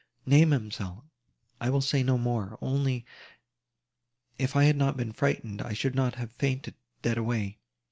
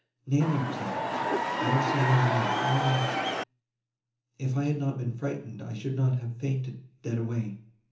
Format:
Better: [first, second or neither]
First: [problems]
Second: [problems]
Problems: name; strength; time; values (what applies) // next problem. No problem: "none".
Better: first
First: none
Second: background sound (Crowd / Cheering); 1 dB above the speech // room echo; dies away in 0.7 s